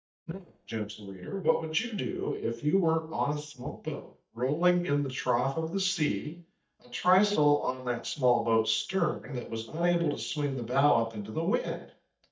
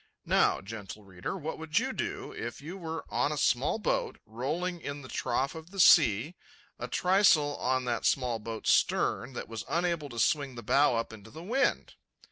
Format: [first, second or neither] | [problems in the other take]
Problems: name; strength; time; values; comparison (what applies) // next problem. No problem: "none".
second | noise reduction (neural mask model DeepFilterNet 3)